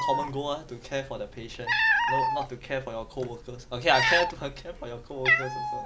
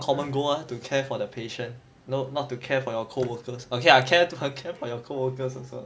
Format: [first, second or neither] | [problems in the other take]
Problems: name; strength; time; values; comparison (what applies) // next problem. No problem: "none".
second | background sound (Cat); 2 dB above the speech